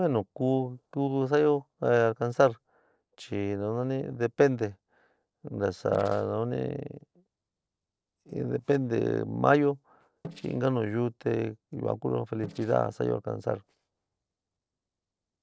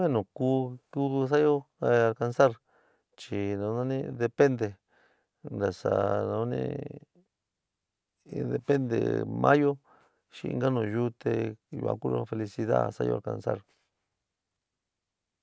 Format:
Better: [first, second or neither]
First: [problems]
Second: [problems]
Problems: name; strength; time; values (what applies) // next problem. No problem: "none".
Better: second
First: noise reduction (neural separator model SepFormer DNS4)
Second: none